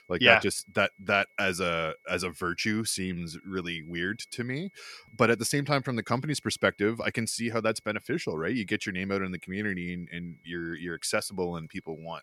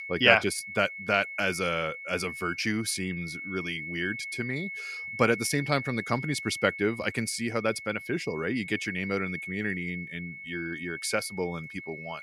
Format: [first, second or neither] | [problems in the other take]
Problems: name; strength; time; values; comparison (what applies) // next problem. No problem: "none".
first | high-pitched whine; loud; throughout; 2 kHz, 8 dB below the speech; faint in the first